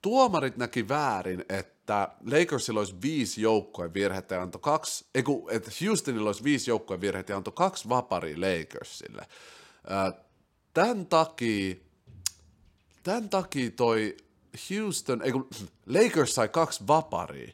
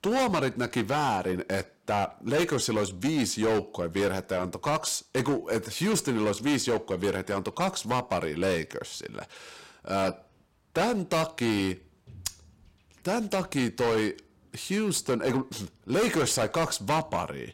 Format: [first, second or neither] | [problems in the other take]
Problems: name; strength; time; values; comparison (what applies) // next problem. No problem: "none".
first | distortion; heavy; 12% of the sound clipped